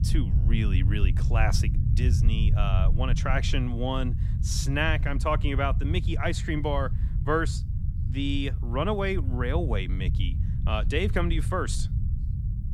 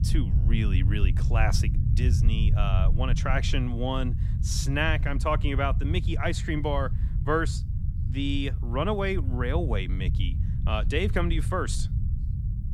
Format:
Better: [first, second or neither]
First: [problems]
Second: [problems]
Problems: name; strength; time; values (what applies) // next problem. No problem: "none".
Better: neither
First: low rumble; noticeable; throughout; 10 dB below the speech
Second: low rumble; noticeable; throughout; 10 dB below the speech